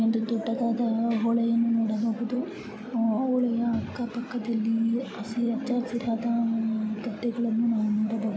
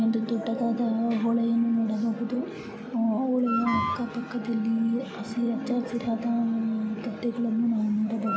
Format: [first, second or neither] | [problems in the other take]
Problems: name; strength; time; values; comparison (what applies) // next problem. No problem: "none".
first | background sound (Wind instrument, woodwind instrument); 12 dB below the speech